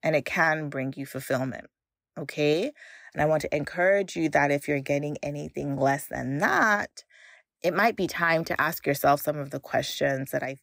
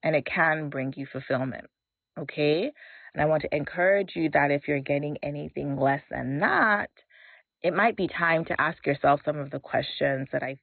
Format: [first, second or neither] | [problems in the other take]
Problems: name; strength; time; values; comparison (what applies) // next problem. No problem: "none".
first | garbled, watery; badly; nothing above 4 kHz